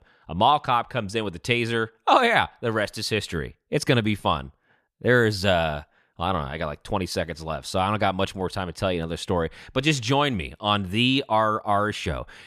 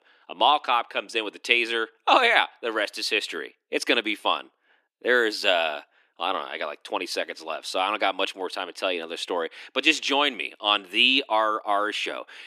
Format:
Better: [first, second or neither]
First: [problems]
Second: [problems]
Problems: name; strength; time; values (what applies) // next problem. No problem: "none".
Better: first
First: none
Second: thin; somewhat; fading below 300 Hz